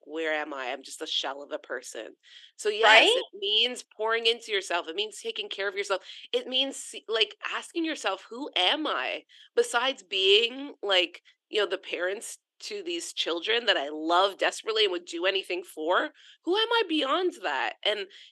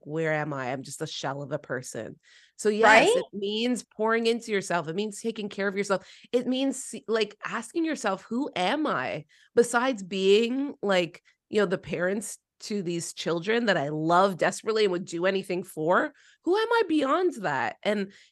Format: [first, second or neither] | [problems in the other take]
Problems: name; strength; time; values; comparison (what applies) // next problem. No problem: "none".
second | thin; somewhat; fading below 300 Hz